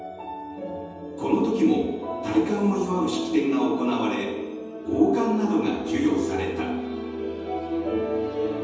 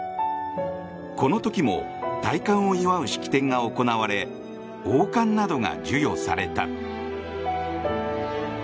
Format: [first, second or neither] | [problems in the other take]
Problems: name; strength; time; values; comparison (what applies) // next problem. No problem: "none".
second | room echo; dies away in 1.1 s